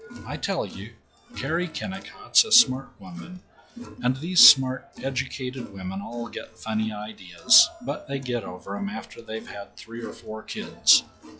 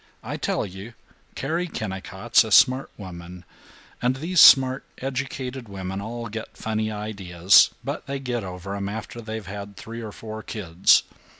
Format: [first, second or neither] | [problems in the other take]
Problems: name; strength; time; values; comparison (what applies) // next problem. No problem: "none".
second | noise reduction (classical method log-MMSE)